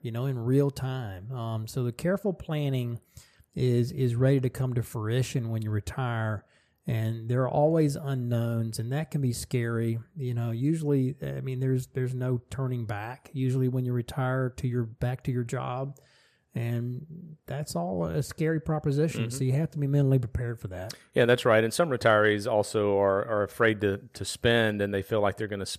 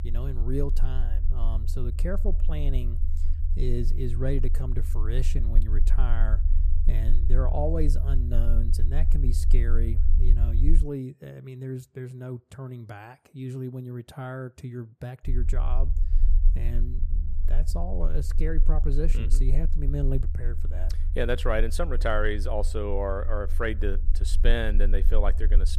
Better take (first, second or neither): first